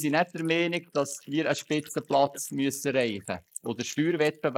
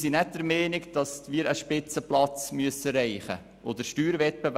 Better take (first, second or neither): second